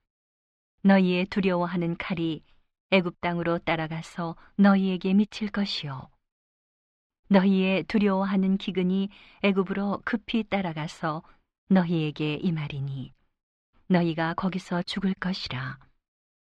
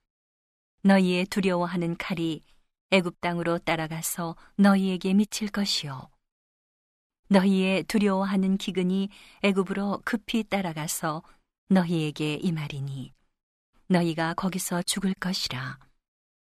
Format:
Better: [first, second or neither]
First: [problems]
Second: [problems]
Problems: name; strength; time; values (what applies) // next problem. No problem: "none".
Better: second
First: muffled; very slightly; fading above 4 kHz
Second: none